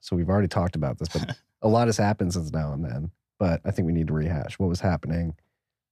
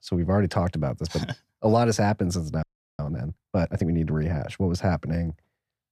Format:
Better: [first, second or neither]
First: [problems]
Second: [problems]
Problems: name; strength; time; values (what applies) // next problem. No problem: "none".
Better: first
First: none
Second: audio freezing; at 2.5 s